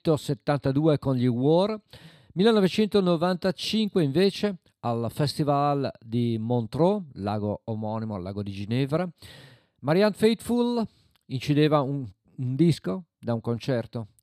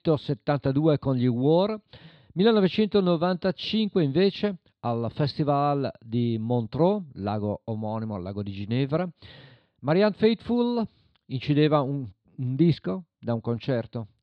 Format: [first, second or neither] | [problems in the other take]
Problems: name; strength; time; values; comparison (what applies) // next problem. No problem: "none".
first | muffled; very slightly; fading above 4 kHz